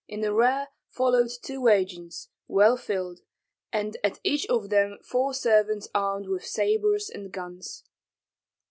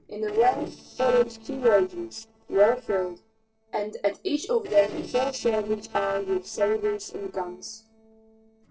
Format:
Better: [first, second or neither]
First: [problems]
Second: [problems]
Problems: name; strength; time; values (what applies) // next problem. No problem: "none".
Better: first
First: none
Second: noise reduction (neural separator model SepFormer DNS4)